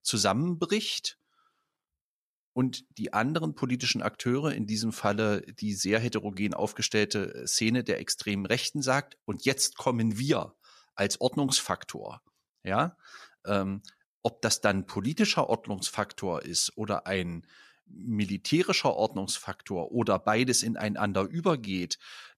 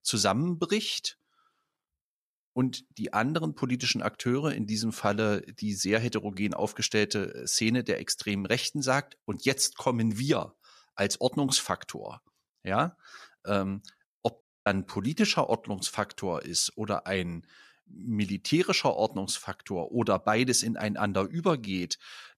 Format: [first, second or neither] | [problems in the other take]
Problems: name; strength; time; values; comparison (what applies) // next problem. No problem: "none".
first | audio cutting out; at 14 s